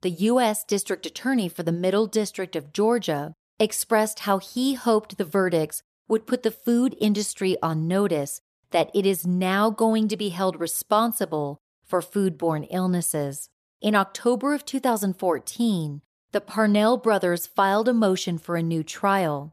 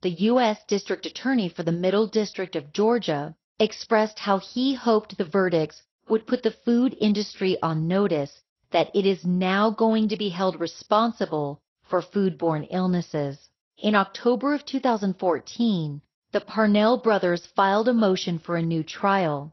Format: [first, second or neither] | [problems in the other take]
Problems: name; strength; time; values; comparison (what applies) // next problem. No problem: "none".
first | garbled, watery; slightly; nothing above 6 kHz